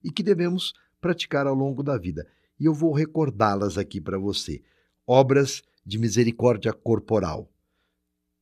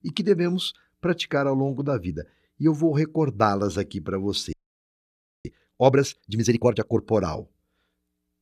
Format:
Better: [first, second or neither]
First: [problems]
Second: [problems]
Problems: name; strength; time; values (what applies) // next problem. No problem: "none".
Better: first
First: none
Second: audio freezing; at 4.5 s for 1 s